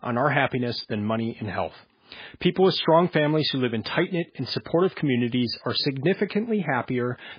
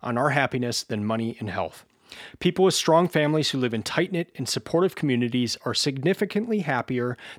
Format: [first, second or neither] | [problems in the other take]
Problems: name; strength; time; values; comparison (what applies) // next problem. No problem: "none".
second | garbled, watery; badly; nothing above 5 kHz